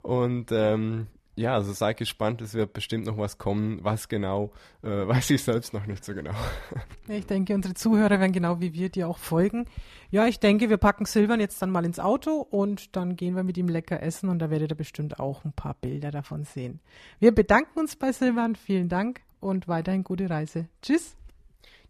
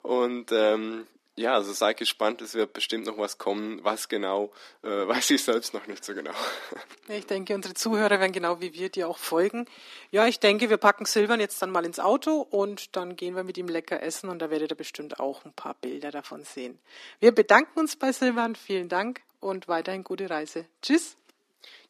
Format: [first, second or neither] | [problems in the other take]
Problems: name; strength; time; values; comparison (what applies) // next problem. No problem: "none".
first | thin; somewhat; fading below 250 Hz